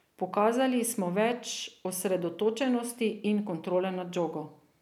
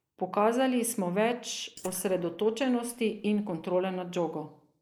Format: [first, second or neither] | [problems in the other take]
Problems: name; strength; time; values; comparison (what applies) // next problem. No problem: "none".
first | noise reduction (neural mask model Resemble Enhance denoiser)